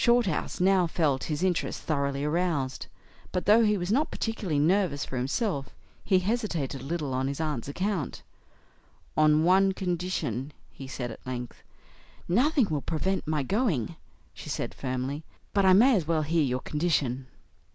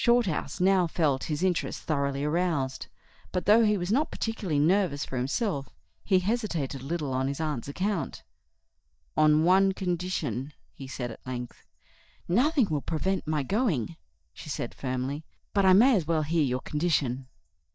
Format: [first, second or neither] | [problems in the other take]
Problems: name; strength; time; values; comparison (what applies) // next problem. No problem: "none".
first | noise reduction (neural mask model DeepFilterNet 3)